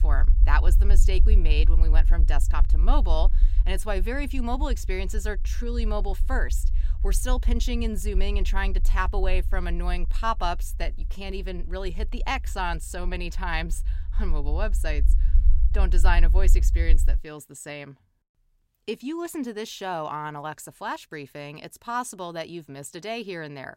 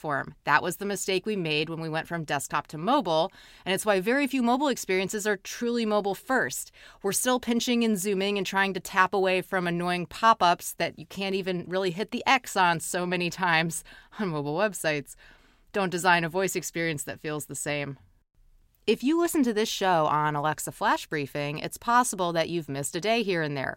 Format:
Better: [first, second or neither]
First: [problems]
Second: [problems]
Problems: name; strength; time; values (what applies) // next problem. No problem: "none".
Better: second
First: low rumble; noticeable; until 17 s; 15 dB below the speech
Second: none